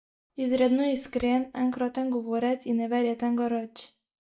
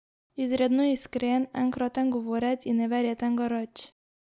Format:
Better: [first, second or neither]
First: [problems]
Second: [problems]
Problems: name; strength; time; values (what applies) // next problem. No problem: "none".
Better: second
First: noise reduction (neural mask model DeepFilterNet 3)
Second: none